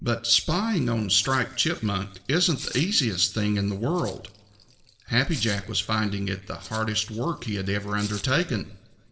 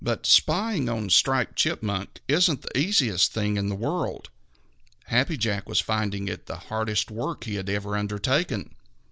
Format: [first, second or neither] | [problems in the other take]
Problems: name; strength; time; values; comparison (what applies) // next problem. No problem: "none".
second | noise reduction (neural separator model SepFormer DNS4)